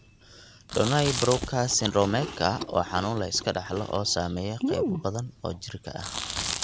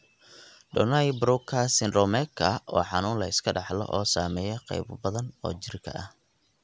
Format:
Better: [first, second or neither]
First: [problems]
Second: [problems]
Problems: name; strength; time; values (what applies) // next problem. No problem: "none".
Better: second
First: background sound (Chewing, mastication); 7 dB below the speech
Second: none